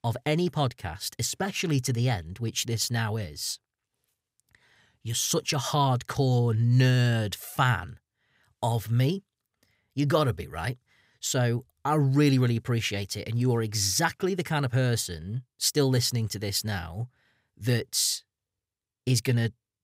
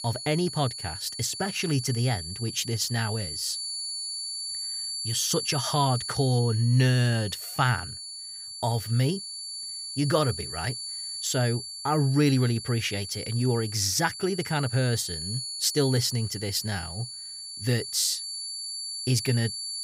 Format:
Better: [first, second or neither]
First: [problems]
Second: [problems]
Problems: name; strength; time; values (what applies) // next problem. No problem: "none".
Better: first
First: none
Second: high-pitched whine; loud; throughout; 4.5 kHz, 6 dB below the speech